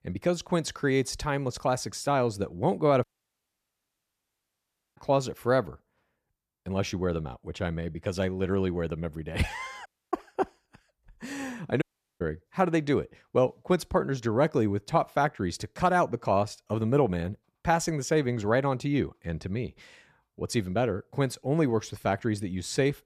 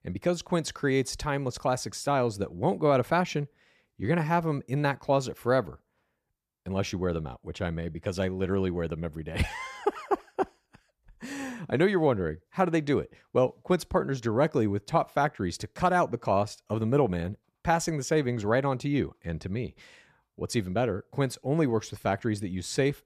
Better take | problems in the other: second | audio cutting out; at 3 s for 2 s, at 10 s and at 12 s

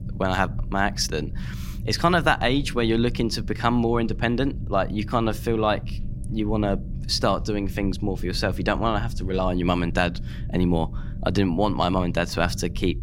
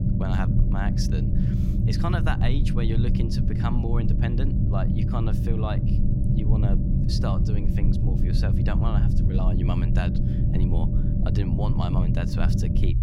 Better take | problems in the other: first | low rumble; loud; throughout; as loud as the speech; faint in the first

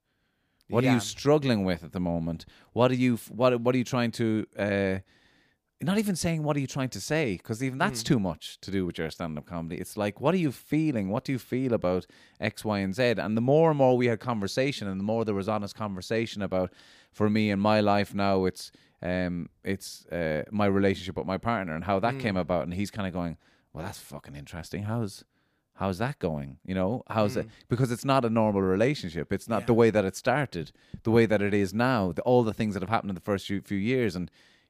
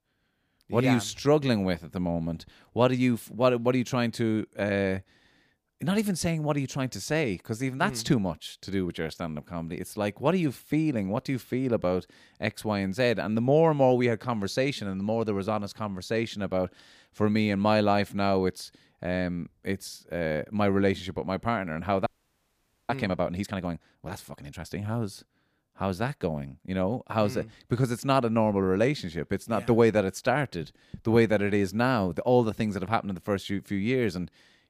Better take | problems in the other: first | audio freezing; at 22 s for 1 s

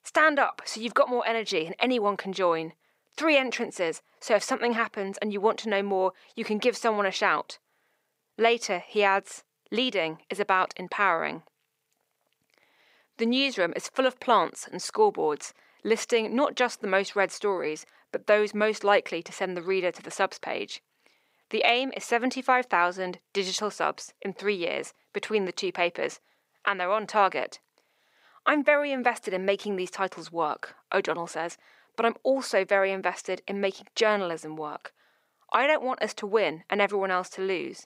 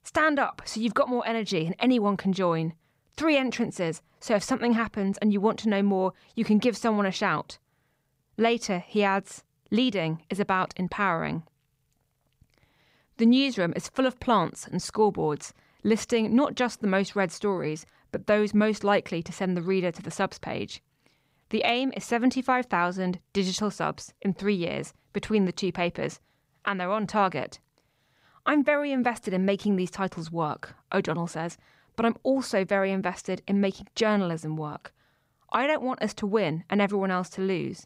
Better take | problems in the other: second | thin; somewhat; fading below 450 Hz

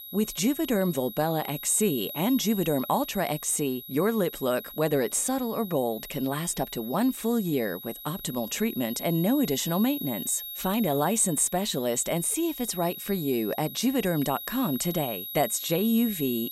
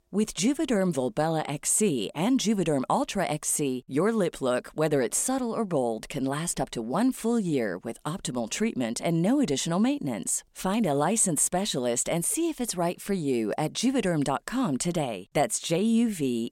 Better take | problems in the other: second | high-pitched whine; noticeable; throughout; 11.5 kHz, 10 dB below the speech

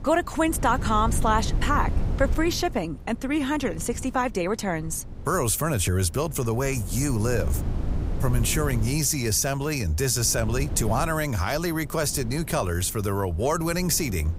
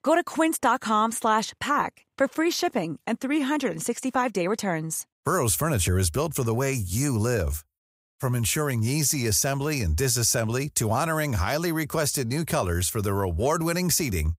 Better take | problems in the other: second | wind noise on the microphone; occasional gusts; 15 dB below the speech

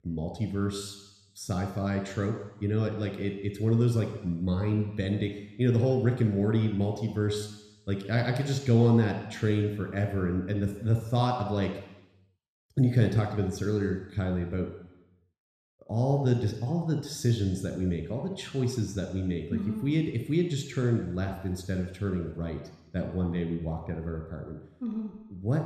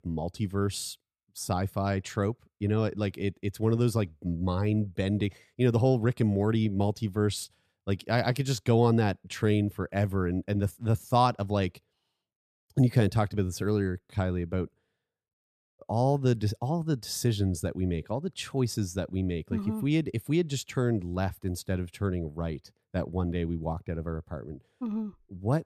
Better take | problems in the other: second | room echo; noticeable; dies away in 1 s

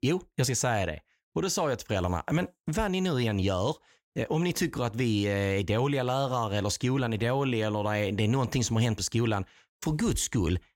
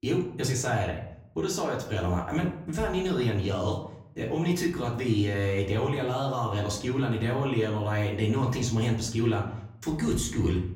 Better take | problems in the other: first | off-mic speech; far // room echo; slight; dies away in 0.6 s

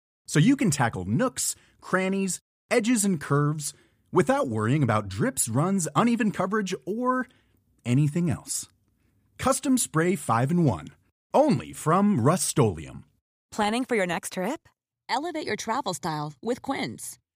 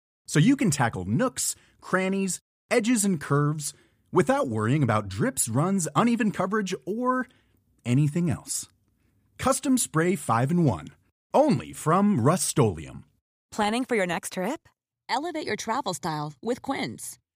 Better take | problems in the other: neither | none

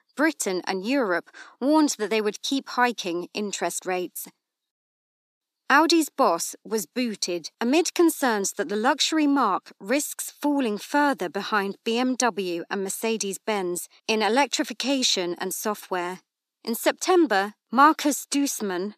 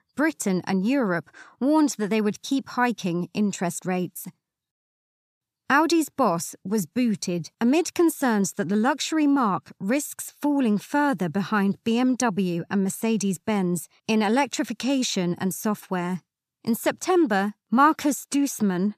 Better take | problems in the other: second | thin; very slightly; fading below 300 Hz

